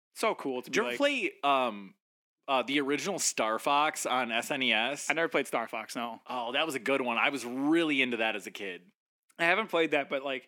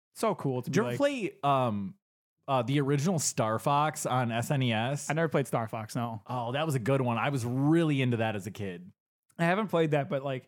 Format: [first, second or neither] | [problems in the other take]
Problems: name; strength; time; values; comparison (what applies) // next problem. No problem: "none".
second | thin; very slightly; fading below 250 Hz